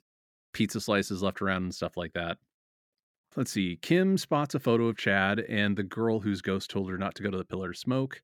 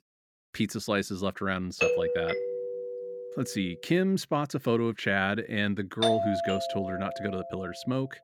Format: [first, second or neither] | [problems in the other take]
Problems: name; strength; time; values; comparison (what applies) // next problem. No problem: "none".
first | doorbell; loud; from 2 to 3.5 s and from 6 to 7.5 s; peak 4 dB above the speech